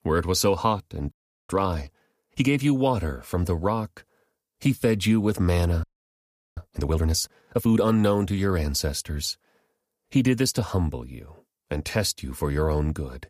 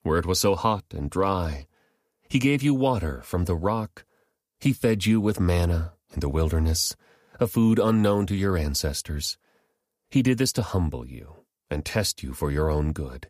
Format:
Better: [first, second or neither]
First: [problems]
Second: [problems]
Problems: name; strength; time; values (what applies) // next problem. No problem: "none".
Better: second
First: audio freezing; at 1 s and at 6 s for 0.5 s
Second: none